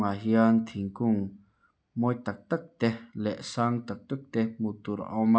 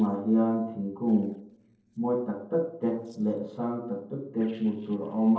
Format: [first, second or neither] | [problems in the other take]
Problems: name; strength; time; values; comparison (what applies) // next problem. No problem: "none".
first | noise reduction (neural separator model SepFormer DNS4)